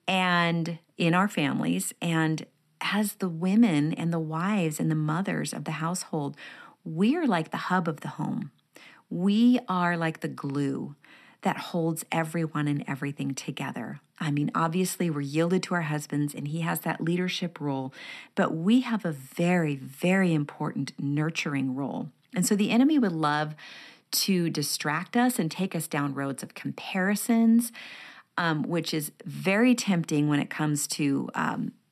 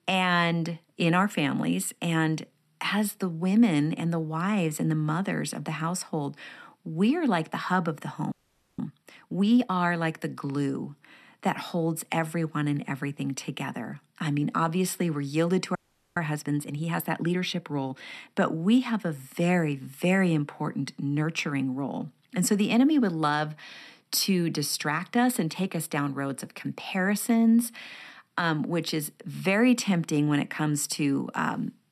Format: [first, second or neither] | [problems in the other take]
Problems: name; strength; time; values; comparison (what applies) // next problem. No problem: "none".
first | audio freezing; at 8.5 s and at 16 s